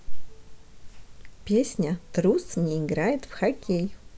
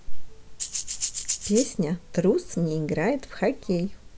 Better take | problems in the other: first | background sound (Rattle (instrument)); 5 dB below the speech

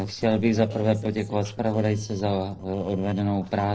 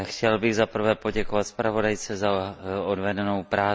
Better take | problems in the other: second | noise reduction (neural separator model SepFormer DNS4)

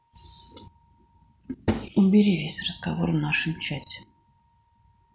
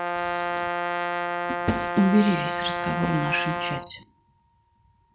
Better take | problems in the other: first | background sound (Brass instrument); 1 dB below the speech

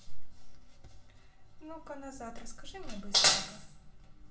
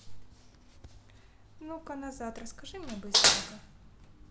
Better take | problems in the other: second | room echo; dies away in 0.4 s

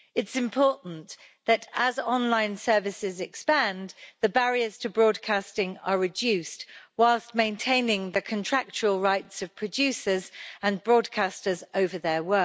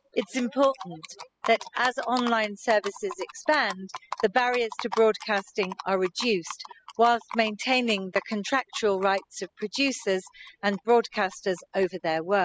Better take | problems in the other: first | noise reduction (classical method spectral subtraction)

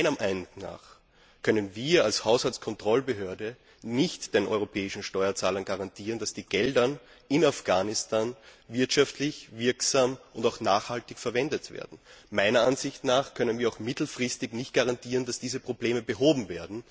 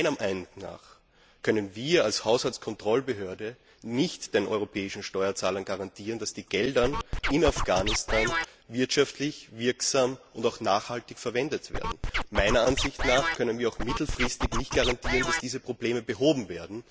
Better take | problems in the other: first | background sound (Scratching (performance technique)); 1 dB below the speech

